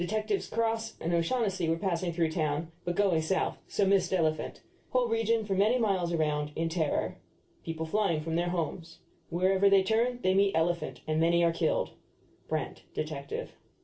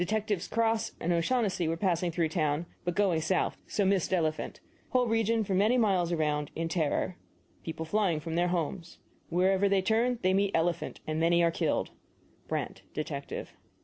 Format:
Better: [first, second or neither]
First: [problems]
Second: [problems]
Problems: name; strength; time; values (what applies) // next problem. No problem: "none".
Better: second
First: room echo; dies away in 0.2 s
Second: none